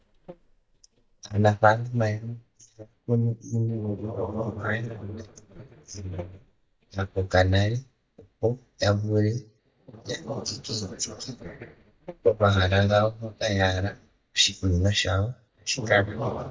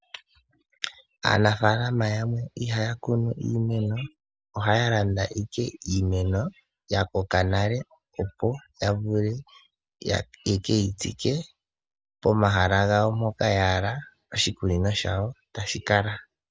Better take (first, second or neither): second